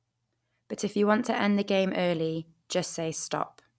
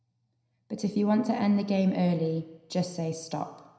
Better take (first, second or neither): first